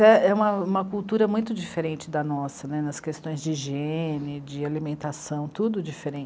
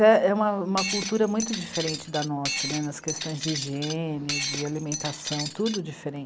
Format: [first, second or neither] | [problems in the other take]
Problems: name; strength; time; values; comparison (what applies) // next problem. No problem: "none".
first | background sound (Shatter); 6 dB below the speech